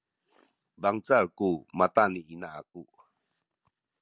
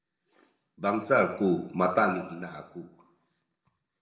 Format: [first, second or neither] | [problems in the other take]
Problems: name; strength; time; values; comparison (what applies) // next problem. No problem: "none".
first | room echo; dies away in 0.7 s